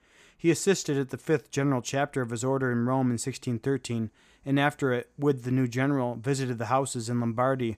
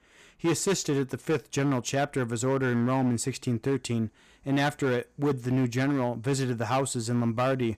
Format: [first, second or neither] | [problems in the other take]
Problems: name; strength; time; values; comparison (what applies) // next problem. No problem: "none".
first | distortion; slight; 10% of the sound clipped